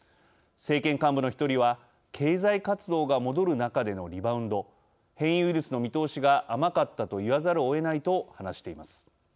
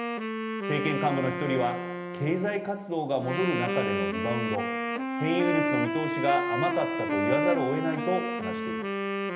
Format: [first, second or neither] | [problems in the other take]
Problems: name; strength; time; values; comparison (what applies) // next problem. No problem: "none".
first | background sound (Wind instrument, woodwind instrument); as loud as the speech // room echo; dies away in 1.1 s